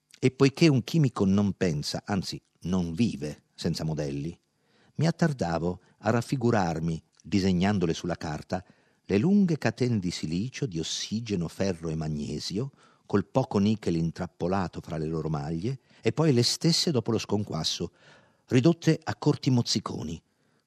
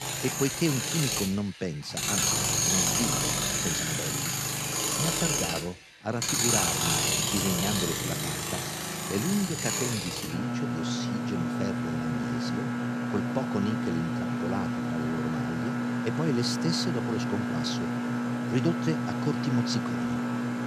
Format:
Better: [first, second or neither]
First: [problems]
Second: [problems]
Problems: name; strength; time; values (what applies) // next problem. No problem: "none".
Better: first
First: none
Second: machinery noise; very loud; throughout; 5 dB above the speech